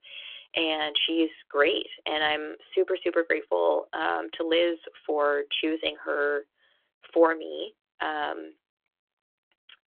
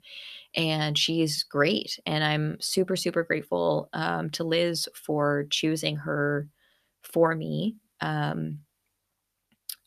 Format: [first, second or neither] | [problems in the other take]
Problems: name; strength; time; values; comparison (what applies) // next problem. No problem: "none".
second | phone-call audio; nothing above 3.5 kHz